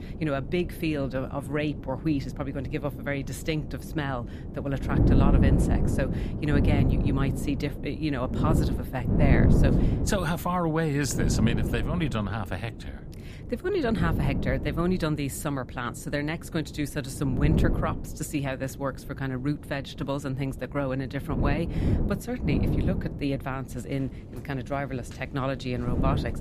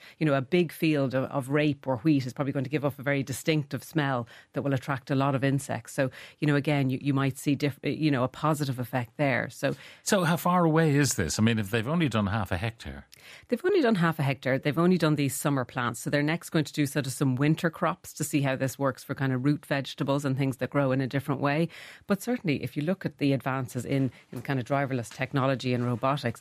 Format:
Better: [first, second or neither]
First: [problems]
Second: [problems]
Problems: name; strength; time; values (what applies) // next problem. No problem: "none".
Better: second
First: wind noise on the microphone; heavy; 4 dB below the speech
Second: none